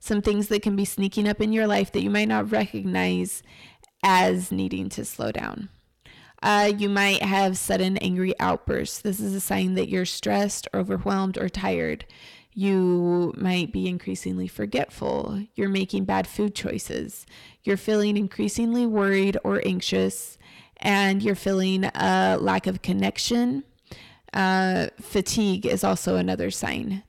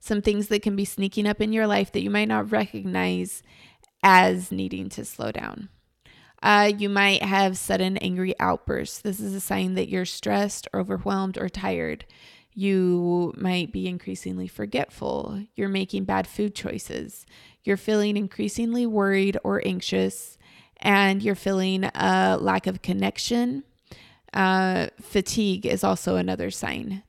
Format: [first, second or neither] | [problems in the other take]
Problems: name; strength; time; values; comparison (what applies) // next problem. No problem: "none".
second | distortion; slight; 10 dB below the speech